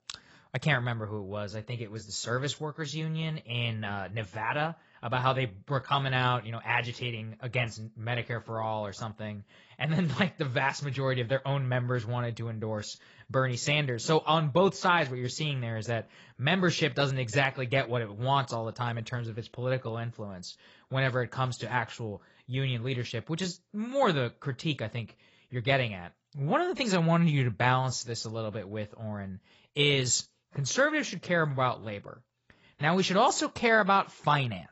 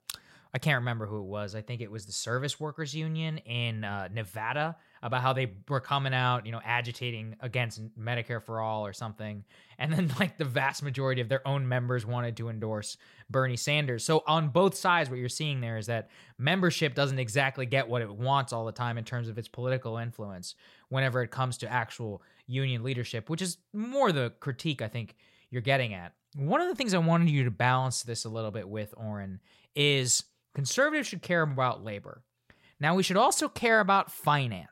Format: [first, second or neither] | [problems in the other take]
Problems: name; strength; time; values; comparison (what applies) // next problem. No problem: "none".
second | garbled, watery; badly; nothing above 7.5 kHz